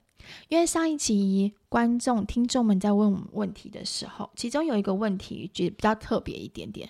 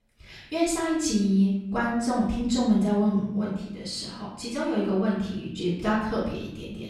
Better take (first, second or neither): first